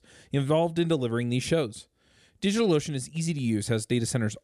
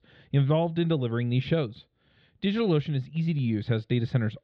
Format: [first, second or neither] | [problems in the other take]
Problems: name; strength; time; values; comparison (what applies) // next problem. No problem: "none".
first | muffled; slightly; fading above 4 kHz